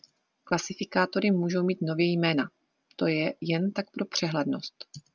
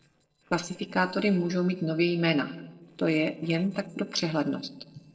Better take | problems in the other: first | noise reduction (neural separator model SepFormer DNS4)

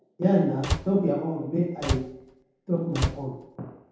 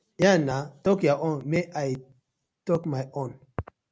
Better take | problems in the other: second | background sound (Slam); 6 dB below the speech // room echo; dies away in 0.8 s

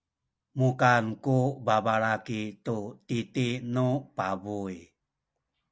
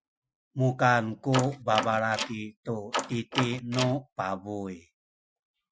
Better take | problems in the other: first | noise reduction (classical method Wiener filter)

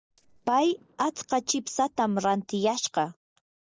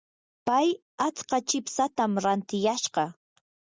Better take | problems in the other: second | noise reduction (neural separator model SepFormer DNS4)

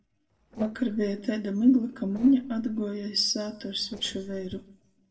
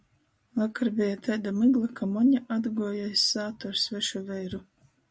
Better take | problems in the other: second | noise reduction (neural separator model SepFormer DNS4)

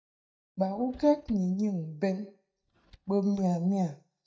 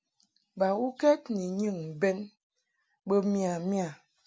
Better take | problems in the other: second | noise reduction (neural mask model DeepFilterNet 3)

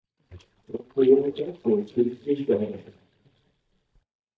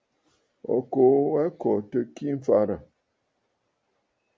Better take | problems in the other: second | noise reduction (neural mask model DeepFilterNet 3)

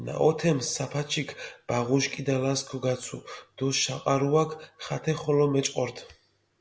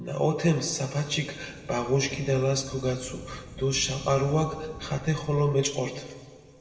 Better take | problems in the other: first | background sound (Thunder / Rain); 18 dB below the speech // room echo; dies away in 1.9 s

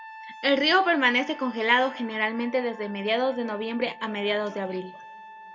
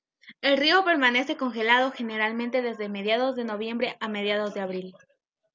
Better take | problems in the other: second | background sound (Trumpet); 17 dB below the speech // room echo; dies away in 0.8 s

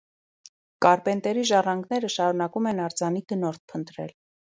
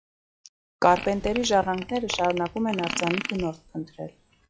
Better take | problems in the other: first | noise reduction (classical method log-MMSE)

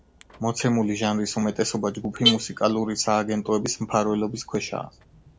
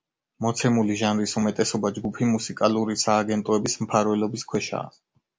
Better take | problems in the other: second | background sound (Alarm / Car); 9 dB below the speech

